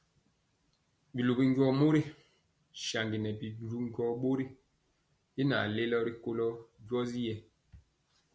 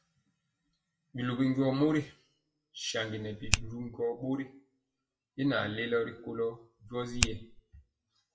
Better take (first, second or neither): first